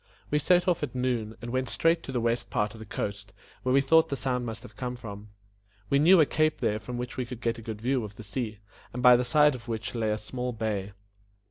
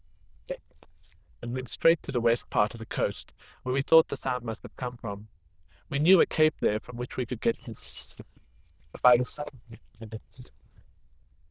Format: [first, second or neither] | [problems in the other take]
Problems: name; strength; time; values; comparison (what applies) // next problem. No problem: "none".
first | noise reduction (neural diffusion model UNIVERSE++)